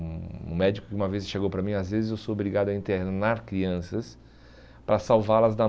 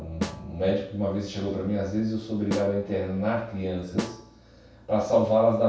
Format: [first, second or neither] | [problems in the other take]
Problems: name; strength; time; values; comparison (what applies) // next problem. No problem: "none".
first | background sound (Snare drum); 12 dB below the speech // room echo; dies away in 0.7 s